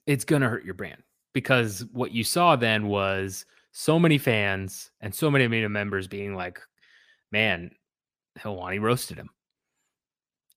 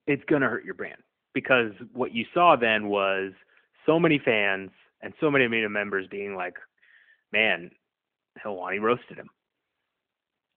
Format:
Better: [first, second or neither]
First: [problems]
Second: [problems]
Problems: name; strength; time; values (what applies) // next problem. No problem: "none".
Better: first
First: none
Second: phone-call audio; nothing above 3 kHz